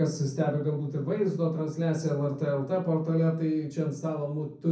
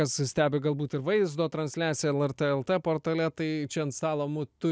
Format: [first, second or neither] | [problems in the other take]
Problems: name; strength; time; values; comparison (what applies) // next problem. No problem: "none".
second | room echo; dies away in 0.6 s